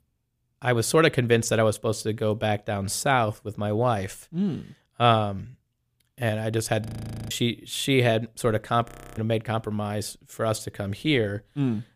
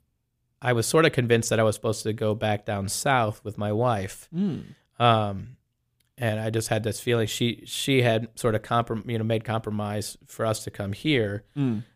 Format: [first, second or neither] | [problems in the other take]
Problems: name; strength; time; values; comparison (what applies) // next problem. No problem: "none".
second | audio freezing; at 7 s and at 9 s